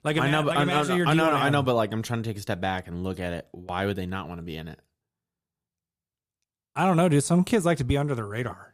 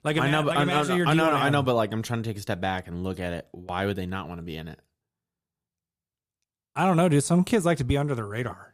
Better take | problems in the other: neither | none

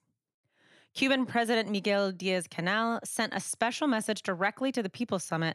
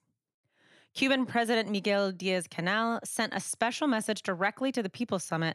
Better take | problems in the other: neither | none

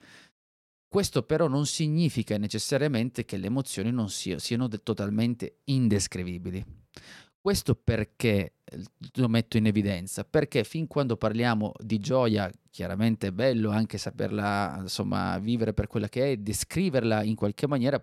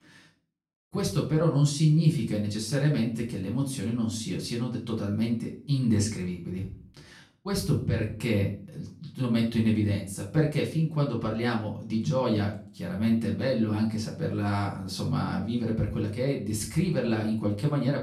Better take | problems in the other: first | room echo; slight; dies away in 0.4 s // off-mic speech; far

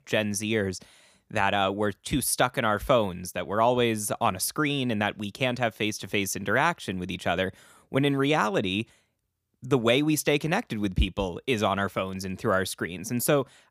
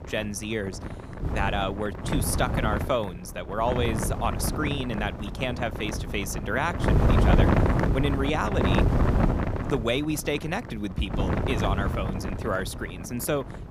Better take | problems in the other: first | wind noise on the microphone; heavy; 2 dB below the speech

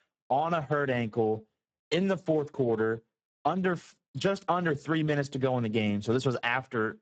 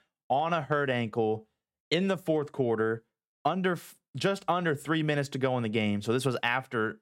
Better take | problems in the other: second | garbled, watery; badly; nothing above 7.5 kHz

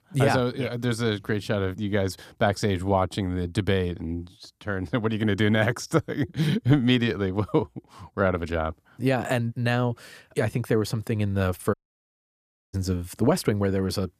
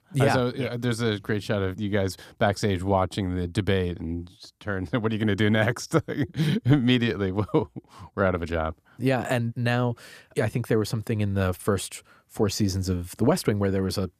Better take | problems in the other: second | audio cutting out; at 12 s for 1 s

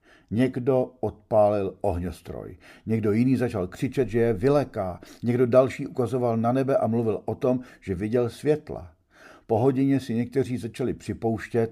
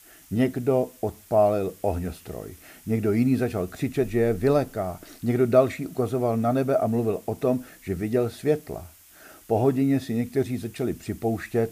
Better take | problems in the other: first | hiss; faint; throughout; 25 dB below the speech

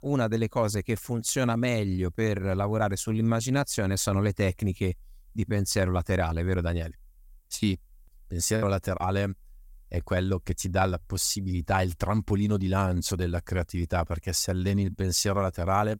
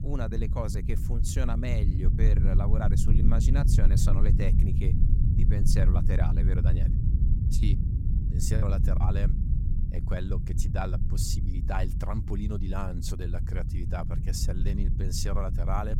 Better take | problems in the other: first | low rumble; loud; throughout; 4 dB below the speech

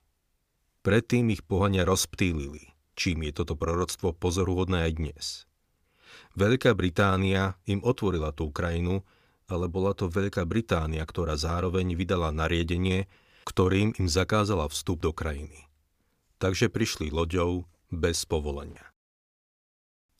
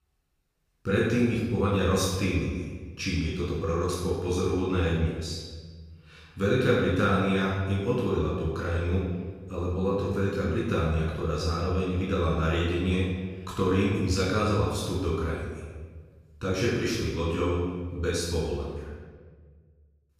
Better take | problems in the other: first | off-mic speech; far // room echo; strong; dies away in 1.3 s

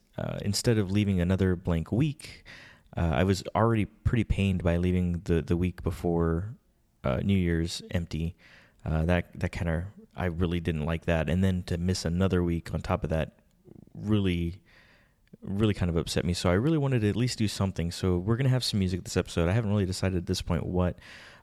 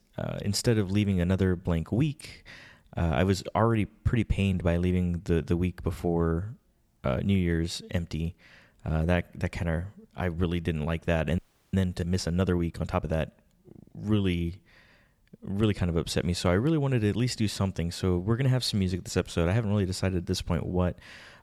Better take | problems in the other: first | audio freezing; at 11 s

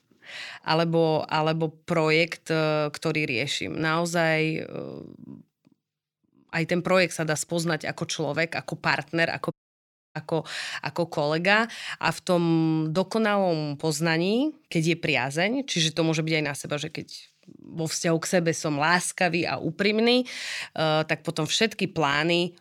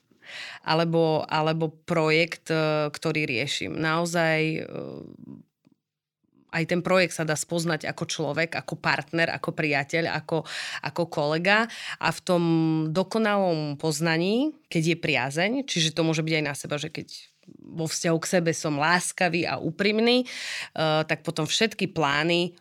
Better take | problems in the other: second | audio cutting out; at 9.5 s for 0.5 s

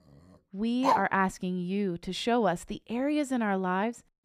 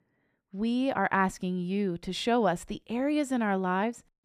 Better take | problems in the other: second | dog barking; loud; at 1 s; peak 1 dB above the speech

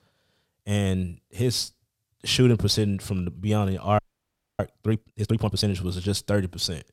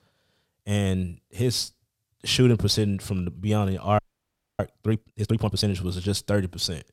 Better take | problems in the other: neither | audio freezing; at 4 s for 0.5 s; the same in both

